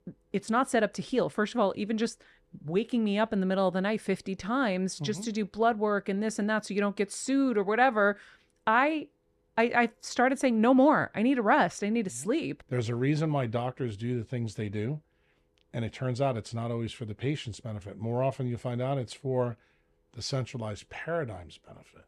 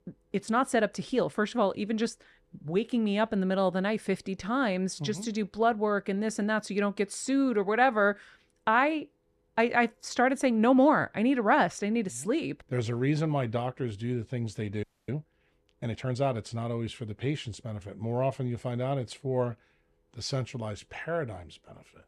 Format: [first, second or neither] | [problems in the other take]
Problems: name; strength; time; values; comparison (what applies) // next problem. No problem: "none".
first | audio freezing; at 15 s